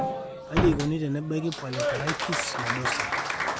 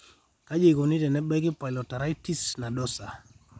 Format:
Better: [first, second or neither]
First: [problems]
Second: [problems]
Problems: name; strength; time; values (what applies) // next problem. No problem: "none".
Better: second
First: background sound (Slam + Applause); 1 dB above the speech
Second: none